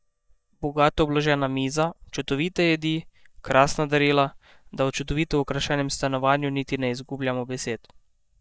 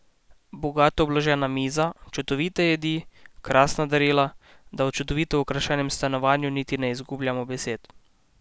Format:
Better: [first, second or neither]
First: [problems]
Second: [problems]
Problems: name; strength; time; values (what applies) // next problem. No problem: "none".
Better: second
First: noise reduction (neural mask model DeepFilterNet 3)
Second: none